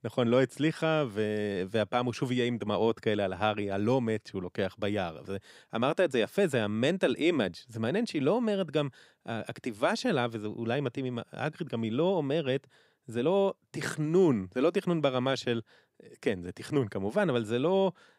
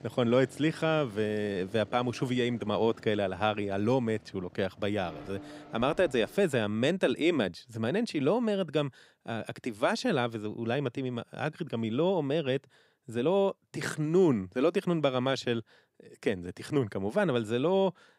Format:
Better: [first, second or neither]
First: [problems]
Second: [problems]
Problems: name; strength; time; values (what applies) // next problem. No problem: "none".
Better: first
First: none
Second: traffic noise; faint; until 6.5 s; 20 dB below the speech